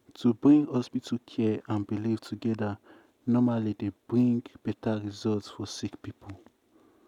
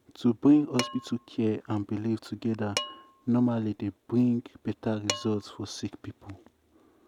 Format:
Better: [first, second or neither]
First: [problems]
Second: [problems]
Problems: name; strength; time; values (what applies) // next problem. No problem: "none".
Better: first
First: none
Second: background sound (Dishes, pots, and pans); 13 dB below the speech